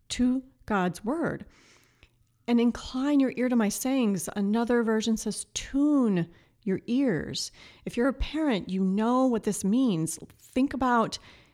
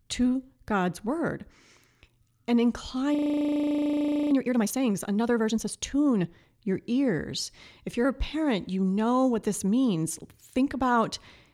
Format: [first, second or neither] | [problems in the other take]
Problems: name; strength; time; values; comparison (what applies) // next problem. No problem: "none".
first | audio freezing; at 3 s for 1 s